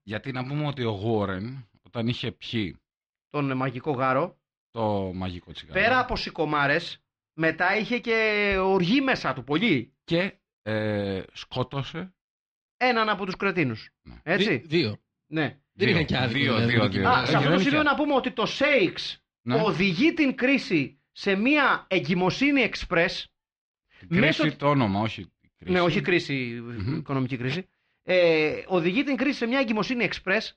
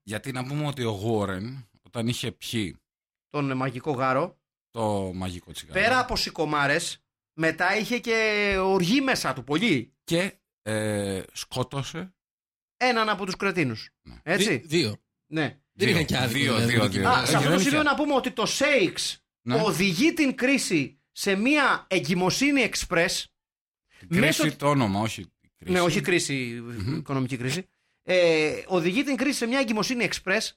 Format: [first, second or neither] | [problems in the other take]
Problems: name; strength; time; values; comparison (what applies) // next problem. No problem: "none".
second | muffled; very slightly; fading above 4 kHz